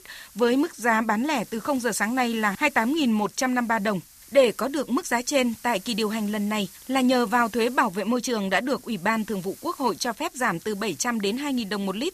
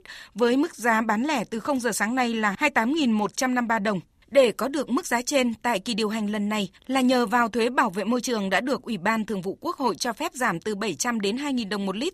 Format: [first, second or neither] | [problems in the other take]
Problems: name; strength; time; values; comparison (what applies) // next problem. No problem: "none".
second | hiss; faint; throughout; 20 dB below the speech